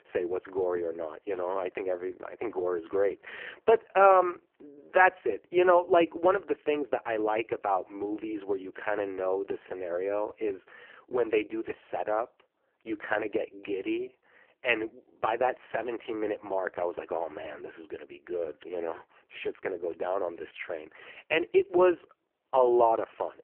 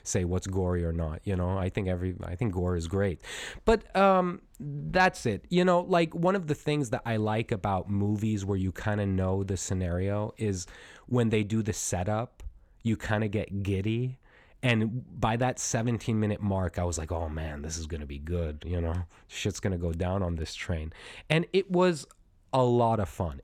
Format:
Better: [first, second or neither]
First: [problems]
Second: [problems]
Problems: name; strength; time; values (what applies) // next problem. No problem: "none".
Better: second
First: phone-call audio; poor line; nothing above 3 kHz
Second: none